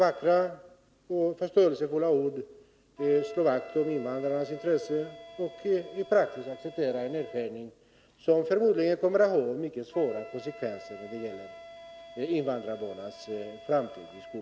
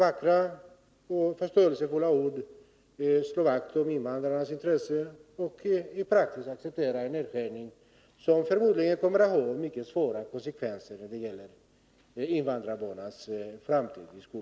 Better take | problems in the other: second | background sound (Wind instrument, woodwind instrument); 19 dB below the speech

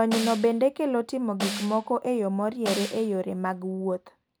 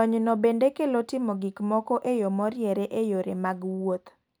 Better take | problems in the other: second | background sound (Snare drum); 10 dB below the speech

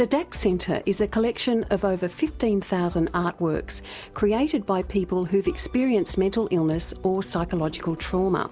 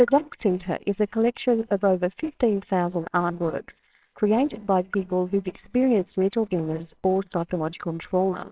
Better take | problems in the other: first | noise reduction (neural separator model SepFormer WHAMR!)

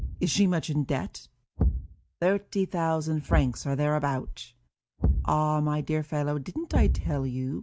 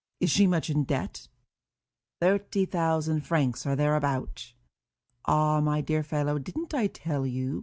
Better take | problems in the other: second | background sound (Thump, thud); 3 dB below the speech

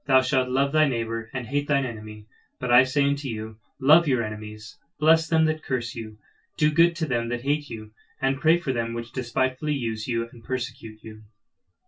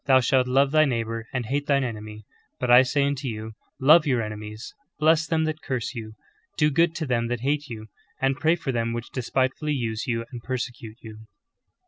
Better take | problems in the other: second | room echo; dies away in 0.2 s

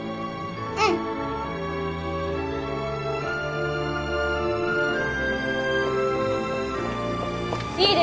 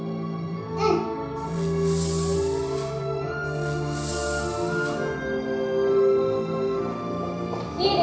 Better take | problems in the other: first | background sound (Fireworks); 15 dB below the speech // room echo; dies away in 0.6 s

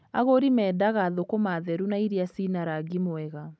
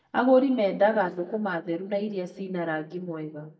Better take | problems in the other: first | noise reduction (neural mask model DeepFilterNet 3)

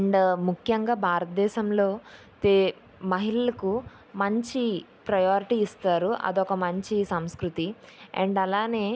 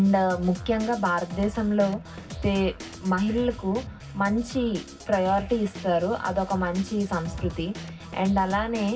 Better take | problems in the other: first | background sound (Drum kit); 14 dB below the speech // room echo; dies away in 0.4 s

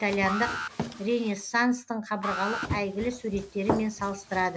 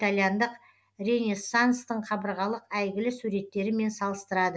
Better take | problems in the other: second | background sound (Alarm + Run); 6 dB below the speech

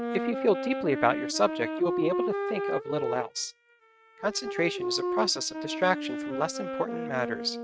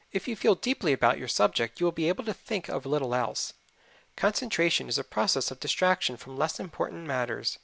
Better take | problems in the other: second | noise reduction (neural mask model RNNoise)

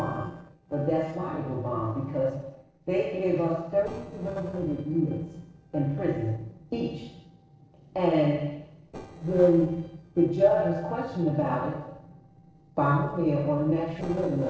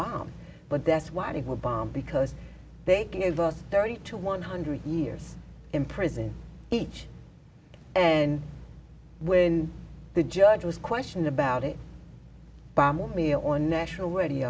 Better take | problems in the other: second | noise reduction (neural separator model SepFormer DNS4)

